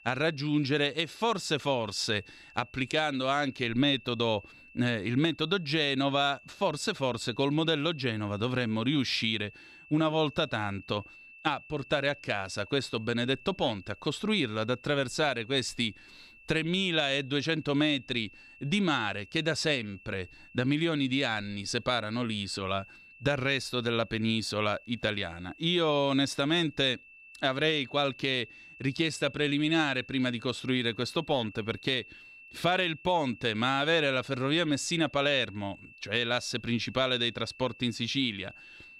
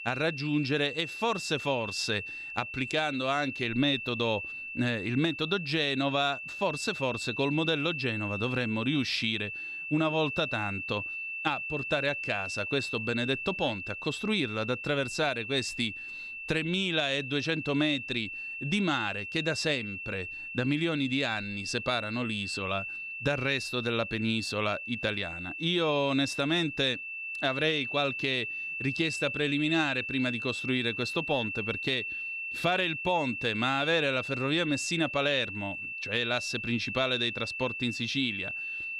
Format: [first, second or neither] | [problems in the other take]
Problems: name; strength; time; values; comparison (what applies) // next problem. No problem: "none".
first | high-pitched whine; loud; throughout; 2.5 kHz, 5 dB below the speech; faint in the first